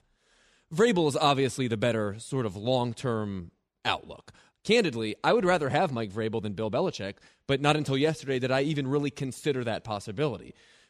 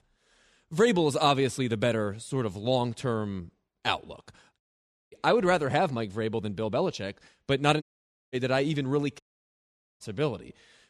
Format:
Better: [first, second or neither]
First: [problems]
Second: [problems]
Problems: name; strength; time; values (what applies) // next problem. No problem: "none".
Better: first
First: none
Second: audio cutting out; at 4.5 s for 0.5 s, at 8 s for 0.5 s and at 9 s for 1 s